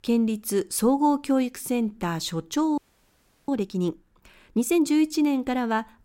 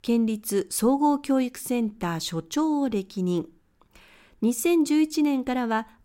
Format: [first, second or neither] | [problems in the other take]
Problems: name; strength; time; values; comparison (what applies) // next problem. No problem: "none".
second | audio freezing; at 3 s for 0.5 s